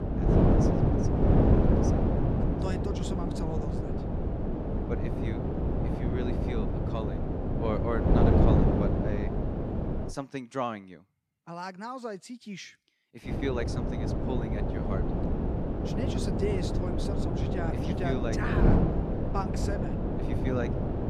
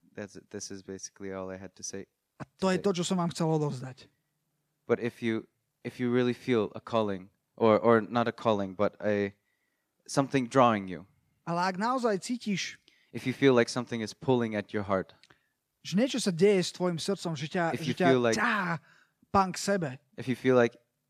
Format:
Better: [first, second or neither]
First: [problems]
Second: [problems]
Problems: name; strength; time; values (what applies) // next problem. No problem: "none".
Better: second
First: wind noise on the microphone; heavy; until 10 s and from 13 s on; 4 dB above the speech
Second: none